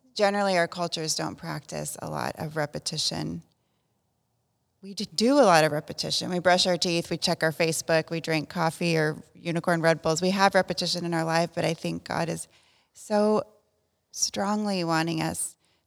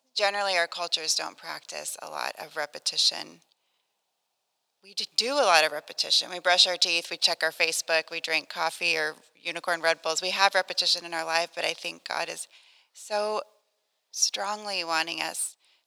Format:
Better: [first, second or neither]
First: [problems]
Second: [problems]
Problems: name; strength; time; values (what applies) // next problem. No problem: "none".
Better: first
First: none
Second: thin; very; fading below 650 Hz